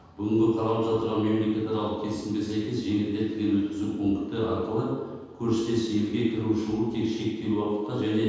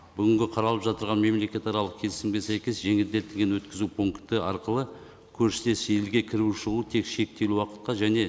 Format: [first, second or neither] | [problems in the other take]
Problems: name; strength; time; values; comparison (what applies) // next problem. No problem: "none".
second | room echo; dies away in 1.2 s